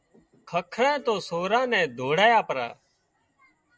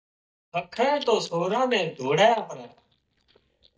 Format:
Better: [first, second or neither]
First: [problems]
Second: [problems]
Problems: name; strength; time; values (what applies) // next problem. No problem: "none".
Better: first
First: none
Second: noise reduction (neural mask model DeepFilterNet 3)